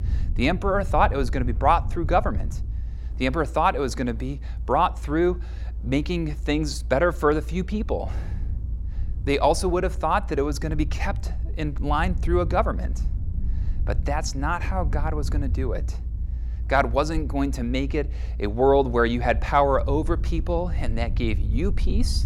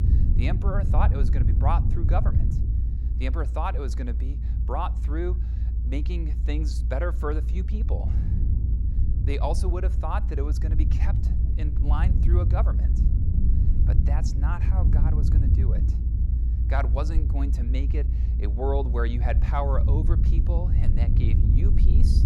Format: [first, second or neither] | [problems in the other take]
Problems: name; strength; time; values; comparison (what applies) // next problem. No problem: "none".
first | low rumble; loud; throughout; 7 dB below the speech; faint in the first